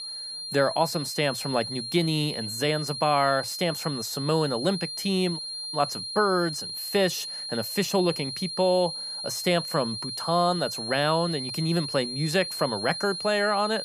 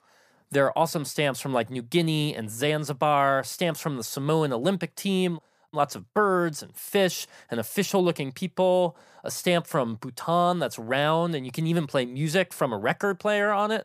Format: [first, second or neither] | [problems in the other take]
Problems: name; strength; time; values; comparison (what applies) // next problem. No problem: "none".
second | high-pitched whine; loud; throughout; 4 kHz, 5 dB below the speech